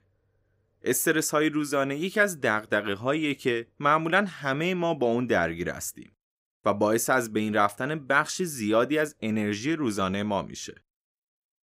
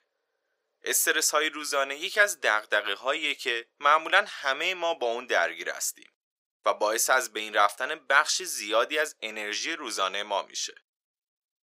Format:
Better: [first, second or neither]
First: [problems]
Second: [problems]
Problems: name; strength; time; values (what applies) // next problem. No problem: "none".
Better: first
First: none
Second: thin; very; fading below 550 Hz